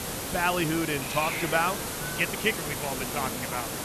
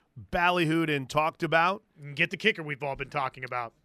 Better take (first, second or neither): second